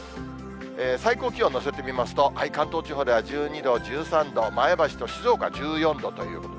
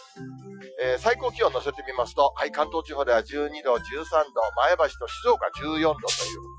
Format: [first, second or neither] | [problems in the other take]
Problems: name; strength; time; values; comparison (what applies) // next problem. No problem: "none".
first | noise reduction (classical method Wiener filter)